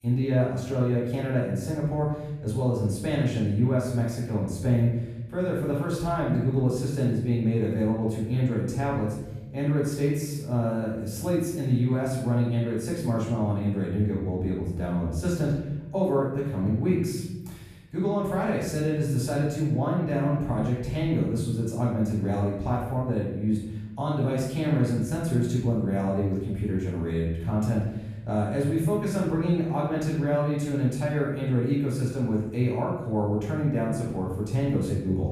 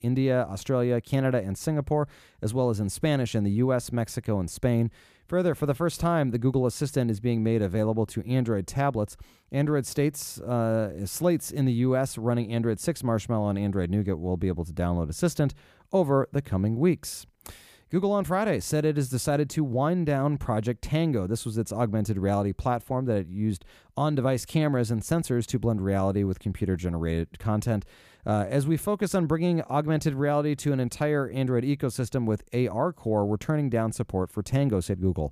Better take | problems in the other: second | off-mic speech; far // room echo; noticeable; dies away in 1 s

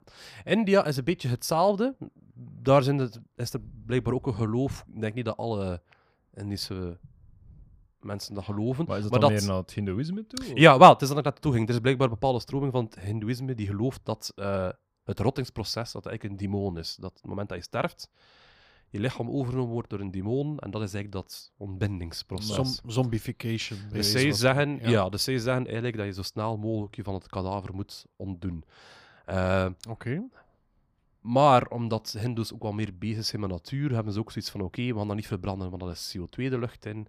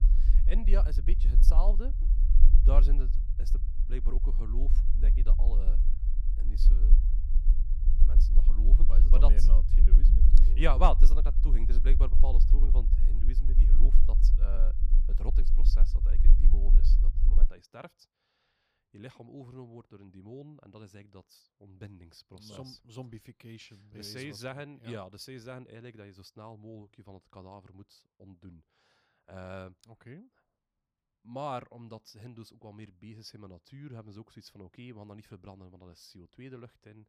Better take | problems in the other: first | low rumble; loud; until 17 s; 9 dB below the speech

